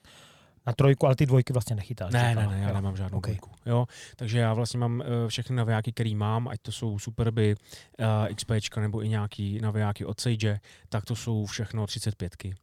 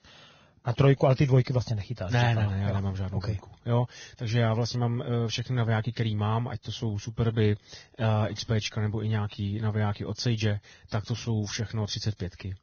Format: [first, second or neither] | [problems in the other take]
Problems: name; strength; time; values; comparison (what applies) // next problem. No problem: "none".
first | garbled, watery; badly; nothing above 6.5 kHz